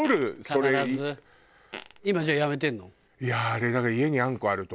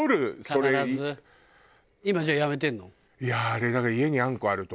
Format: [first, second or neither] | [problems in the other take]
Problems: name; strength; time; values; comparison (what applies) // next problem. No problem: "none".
second | background sound (Fart); 19 dB below the speech